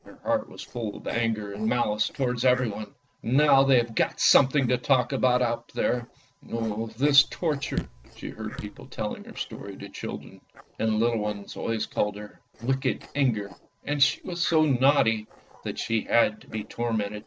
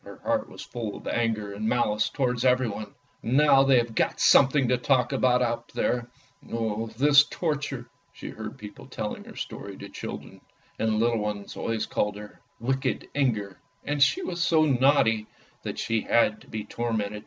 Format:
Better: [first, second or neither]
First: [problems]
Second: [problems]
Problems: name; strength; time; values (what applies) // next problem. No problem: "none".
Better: second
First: noise reduction (neural separator model SepFormer DNS4)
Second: none